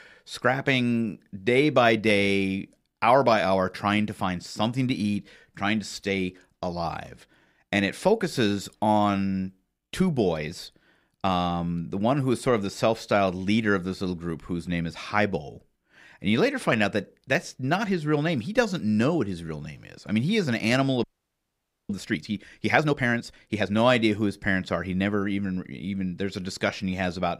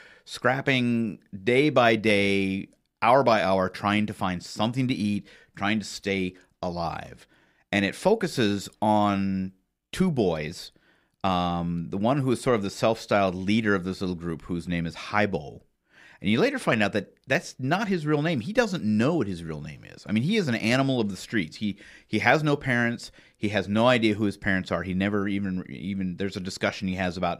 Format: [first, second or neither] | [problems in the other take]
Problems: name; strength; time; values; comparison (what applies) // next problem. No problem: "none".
second | audio freezing; at 21 s for 1 s